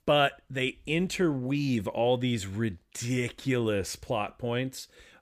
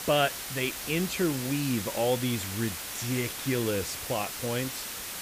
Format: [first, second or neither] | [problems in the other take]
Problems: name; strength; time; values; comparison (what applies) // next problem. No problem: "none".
first | hiss; loud; throughout; 4 dB below the speech